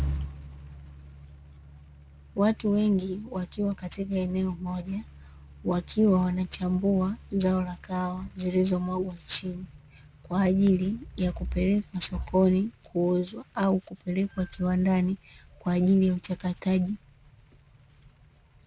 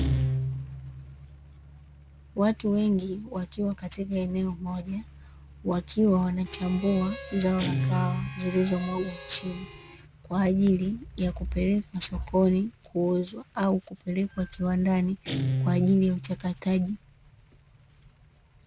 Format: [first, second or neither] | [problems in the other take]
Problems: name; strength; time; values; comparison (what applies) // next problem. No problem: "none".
first | background sound (Guitar + Harmonica); 8 dB below the speech